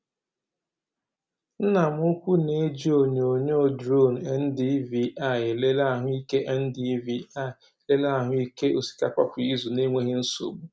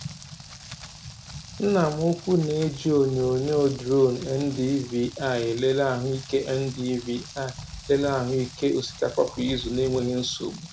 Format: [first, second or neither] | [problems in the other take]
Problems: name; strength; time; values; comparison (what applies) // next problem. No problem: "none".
first | background sound (Rain); 15 dB below the speech